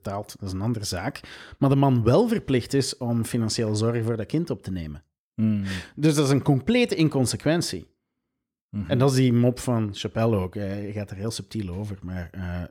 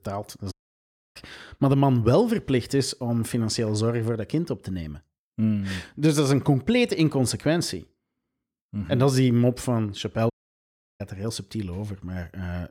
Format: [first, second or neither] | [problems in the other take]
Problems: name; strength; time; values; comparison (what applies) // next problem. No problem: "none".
first | audio cutting out; at 0.5 s for 0.5 s and at 10 s for 0.5 s